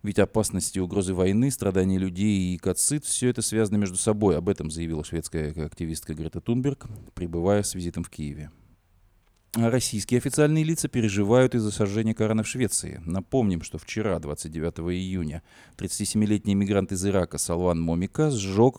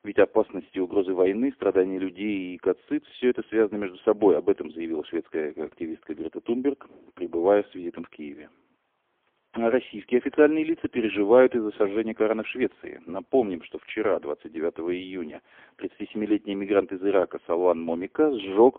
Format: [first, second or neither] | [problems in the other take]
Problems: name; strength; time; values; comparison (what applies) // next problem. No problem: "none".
first | phone-call audio; poor line; nothing above 3.5 kHz